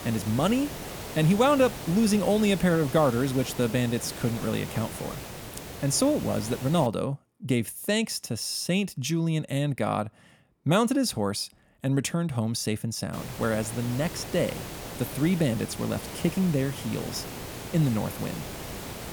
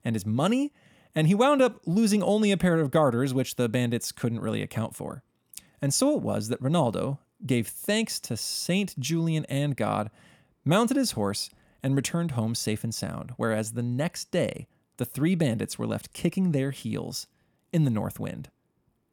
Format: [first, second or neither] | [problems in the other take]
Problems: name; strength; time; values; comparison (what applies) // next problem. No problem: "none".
second | hiss; noticeable; until 7 s and from 13 s on; 10 dB below the speech